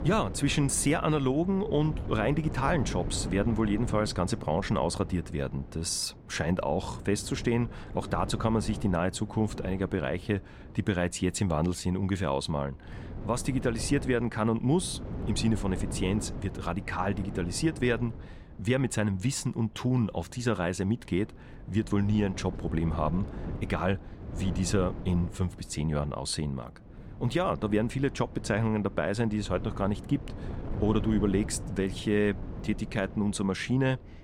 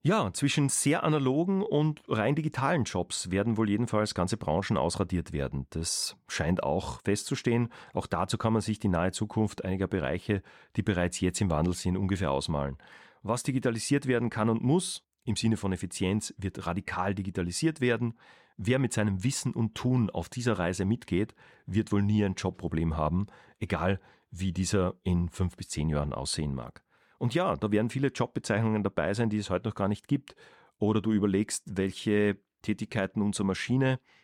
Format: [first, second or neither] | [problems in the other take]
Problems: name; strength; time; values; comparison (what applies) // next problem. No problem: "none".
second | wind noise on the microphone; occasional gusts; 15 dB below the speech